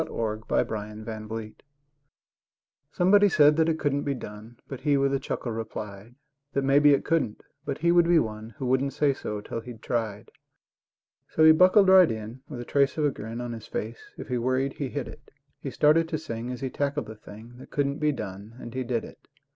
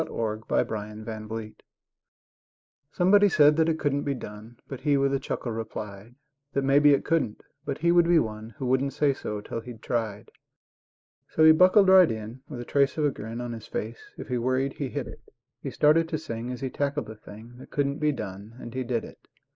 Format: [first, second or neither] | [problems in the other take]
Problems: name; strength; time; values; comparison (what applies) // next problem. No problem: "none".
first | noise reduction (neural mask model Resemble Enhance denoiser)